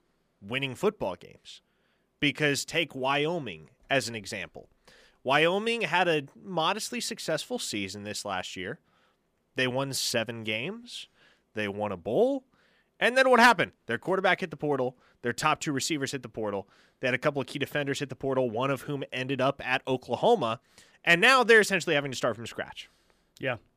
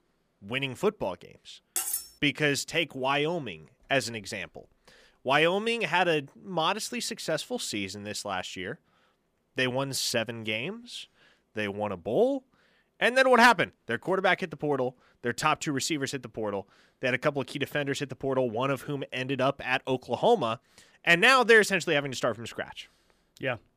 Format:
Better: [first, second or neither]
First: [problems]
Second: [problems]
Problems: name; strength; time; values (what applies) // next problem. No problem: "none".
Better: first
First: none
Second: clattering dishes; noticeable; at 2 s; peak 2 dB below the speech